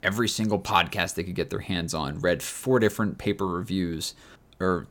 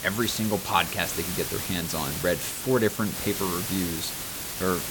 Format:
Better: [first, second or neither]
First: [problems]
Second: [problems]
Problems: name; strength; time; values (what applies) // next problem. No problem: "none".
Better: first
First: none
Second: hiss; loud; throughout; 3 dB below the speech